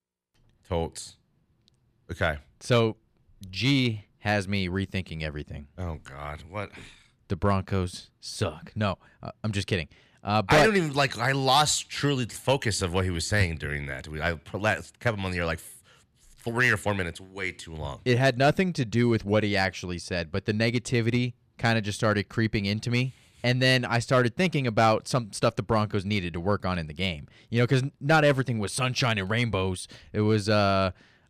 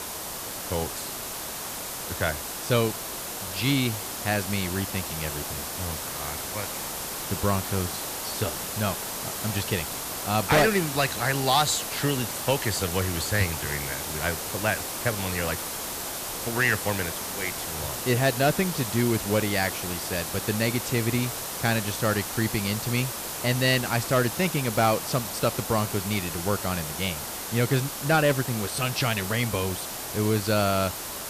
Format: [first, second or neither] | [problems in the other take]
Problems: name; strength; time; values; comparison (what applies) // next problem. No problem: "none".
first | hiss; loud; throughout; 4 dB below the speech